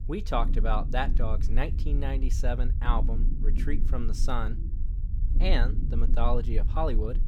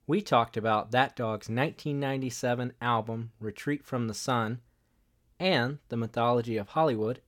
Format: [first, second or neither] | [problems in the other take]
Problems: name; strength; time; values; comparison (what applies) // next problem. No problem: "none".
second | low rumble; noticeable; throughout; 15 dB below the speech